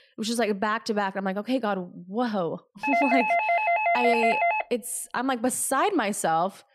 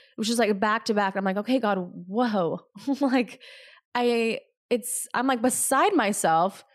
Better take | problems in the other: second | doorbell; loud; from 3 to 4.5 s; peak 5 dB above the speech

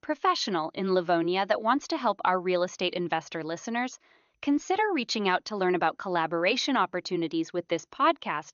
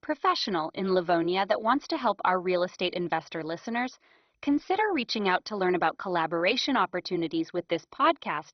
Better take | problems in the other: first | garbled, watery; badly; nothing above 6 kHz; slightly in the first

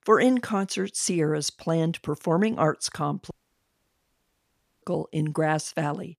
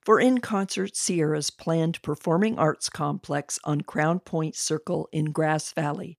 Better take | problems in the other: second | audio cutting out; at 3.5 s for 1.5 s

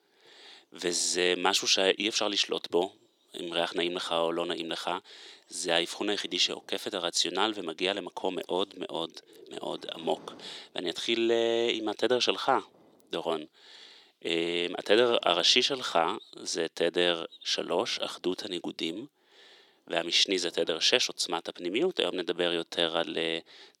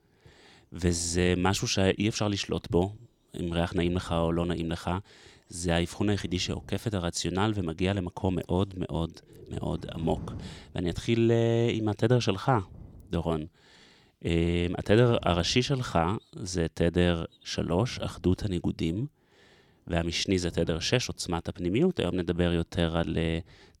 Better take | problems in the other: second | thin; somewhat; fading below 350 Hz

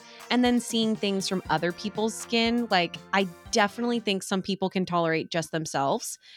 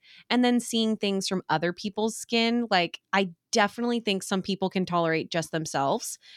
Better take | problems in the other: second | background music; faint; throughout; 20 dB below the speech

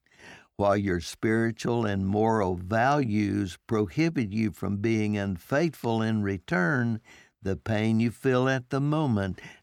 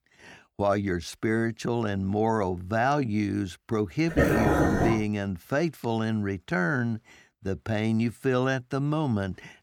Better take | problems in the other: first | dog barking; loud; at 4 s; peak 5 dB above the speech

